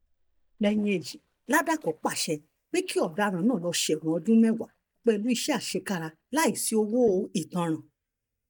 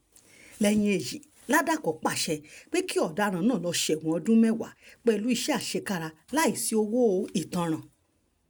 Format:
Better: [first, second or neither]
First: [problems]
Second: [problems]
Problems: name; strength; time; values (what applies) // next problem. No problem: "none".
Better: second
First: noise reduction (neural mask model DeepFilterNet 3)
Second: none